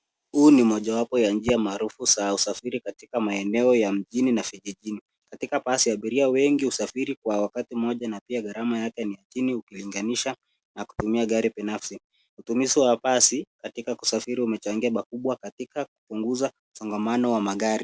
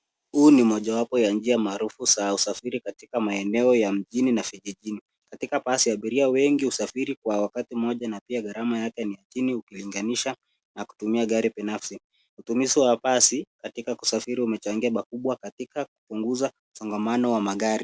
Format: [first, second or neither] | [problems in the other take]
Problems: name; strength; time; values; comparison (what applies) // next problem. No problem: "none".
second | background sound (Tap); 19 dB below the speech